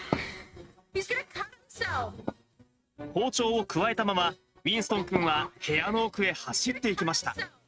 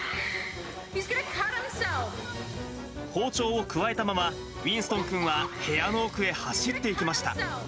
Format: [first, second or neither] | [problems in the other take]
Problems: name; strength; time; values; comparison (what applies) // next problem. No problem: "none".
second | noise reduction (neural mask model RNNoise)